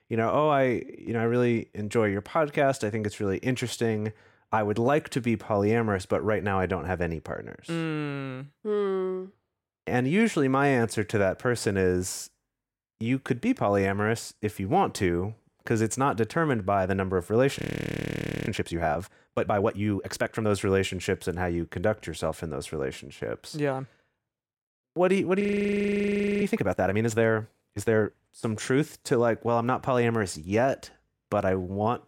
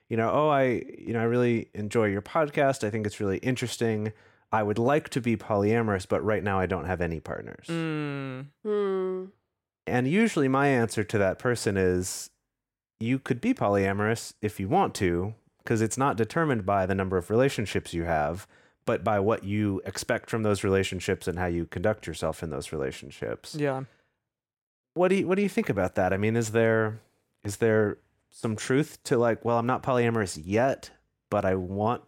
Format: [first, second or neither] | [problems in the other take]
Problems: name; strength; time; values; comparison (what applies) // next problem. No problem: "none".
second | audio freezing; at 18 s for 1 s and at 25 s for 1 s